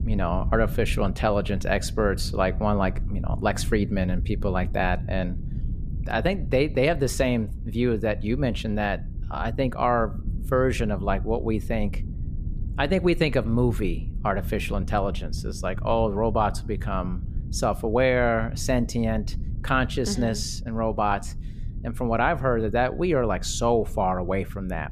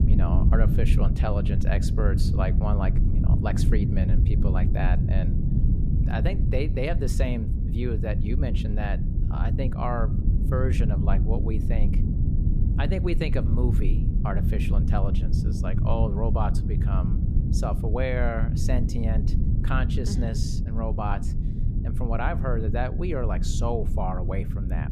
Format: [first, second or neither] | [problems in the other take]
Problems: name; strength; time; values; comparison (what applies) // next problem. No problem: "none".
first | low rumble; loud; throughout; 5 dB below the speech; faint in the first